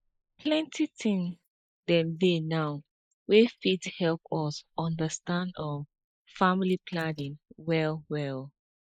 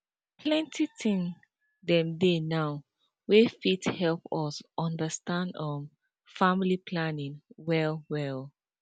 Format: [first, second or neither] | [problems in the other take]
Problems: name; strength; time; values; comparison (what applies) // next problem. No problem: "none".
second | noise reduction (neural mask model Resemble Enhance denoiser)